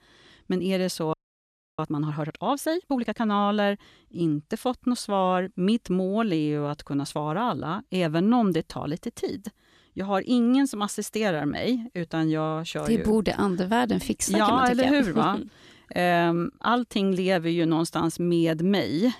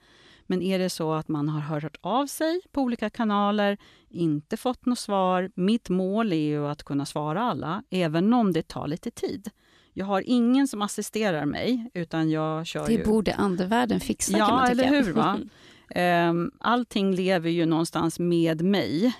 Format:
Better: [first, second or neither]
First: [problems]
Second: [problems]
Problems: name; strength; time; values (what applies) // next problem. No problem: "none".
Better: second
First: audio freezing; at 1 s for 0.5 s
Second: none